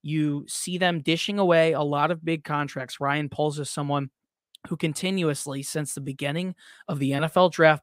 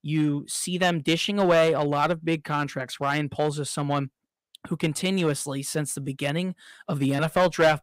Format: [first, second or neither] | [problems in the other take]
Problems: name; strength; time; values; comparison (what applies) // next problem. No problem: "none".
first | distortion; slight; 3% of the sound clipped